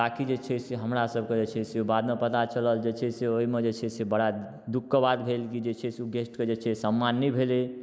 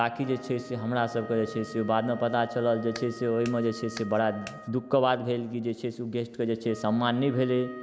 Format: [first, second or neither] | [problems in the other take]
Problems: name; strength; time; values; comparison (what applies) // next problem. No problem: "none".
first | background sound (Clapping + Wind instrument, woodwind instrument); 19 dB below the speech